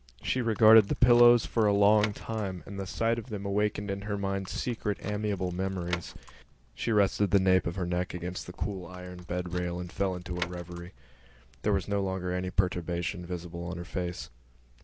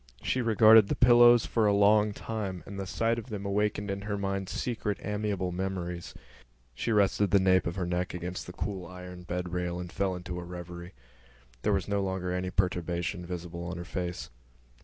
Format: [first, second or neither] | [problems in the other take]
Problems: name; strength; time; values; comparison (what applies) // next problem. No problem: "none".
second | background sound (Door / Car); 17 dB below the speech